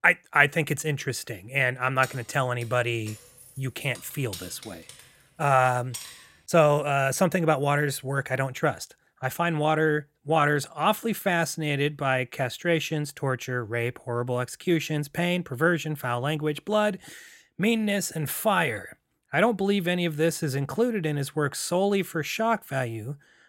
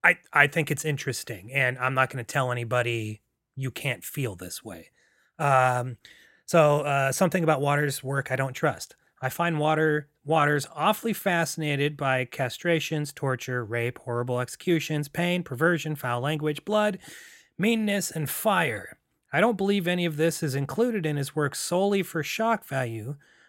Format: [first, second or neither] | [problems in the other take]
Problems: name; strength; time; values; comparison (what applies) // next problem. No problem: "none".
second | jangling keys; faint; from 2 to 6 s; peak 10 dB below the speech